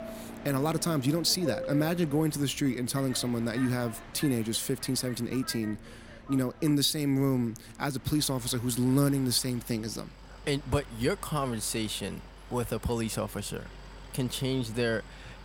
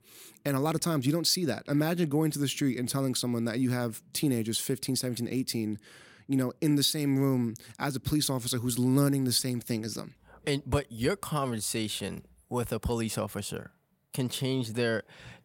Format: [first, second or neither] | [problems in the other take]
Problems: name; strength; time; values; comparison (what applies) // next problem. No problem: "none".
second | train or aircraft noise; noticeable; throughout; 15 dB below the speech